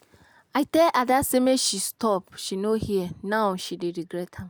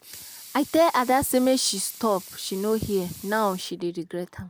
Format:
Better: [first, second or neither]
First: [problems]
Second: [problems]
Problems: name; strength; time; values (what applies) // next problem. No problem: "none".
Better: first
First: none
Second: background sound (Sink (filling or washing) / Water tap, faucet / Liquid); 19 dB below the speech